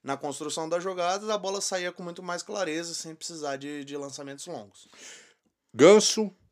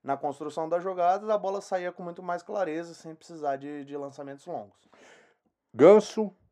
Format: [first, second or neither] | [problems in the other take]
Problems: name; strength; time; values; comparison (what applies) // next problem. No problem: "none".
first | muffled; very; fading above 2.5 kHz